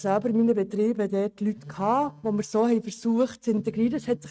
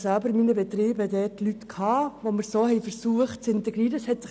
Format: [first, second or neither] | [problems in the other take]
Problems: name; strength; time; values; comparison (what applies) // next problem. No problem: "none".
second | noise reduction (neural mask model RNNoise)